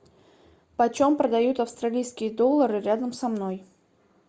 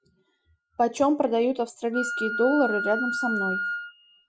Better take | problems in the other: first | noise reduction (classical method Wiener filter)

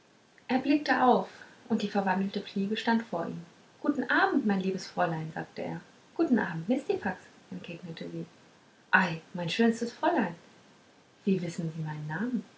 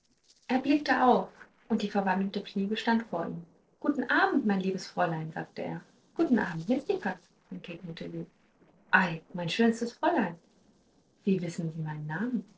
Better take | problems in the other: first | noise reduction (neural separator model SepFormer DNS4)

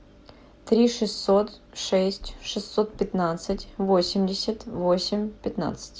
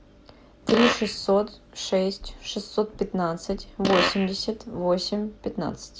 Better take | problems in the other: first | background sound (Fart); 3 dB below the speech

